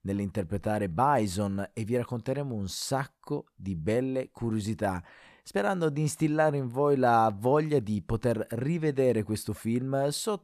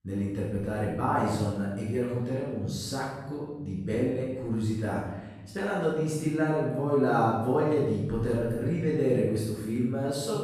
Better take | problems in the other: first | off-mic speech; far // room echo; strong; dies away in 1 s

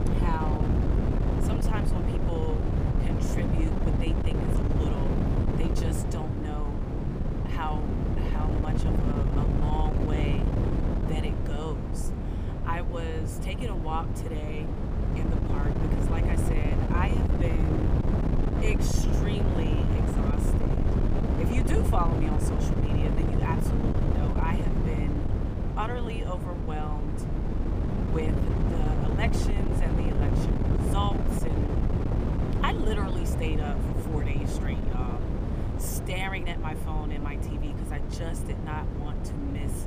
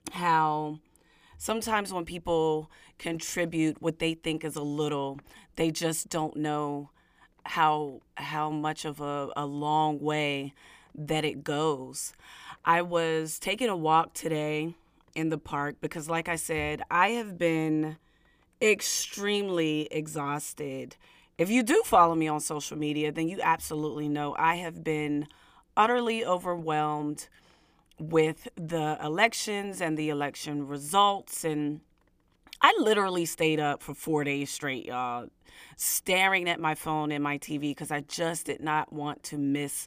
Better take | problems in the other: second | wind noise on the microphone; heavy; 1 dB above the speech

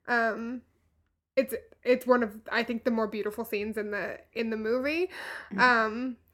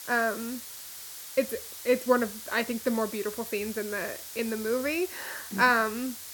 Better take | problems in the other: first | hiss; noticeable; throughout; 10 dB below the speech

